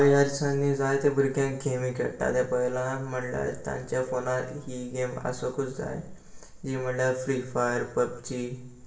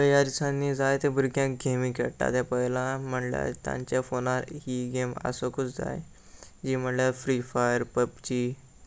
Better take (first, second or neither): second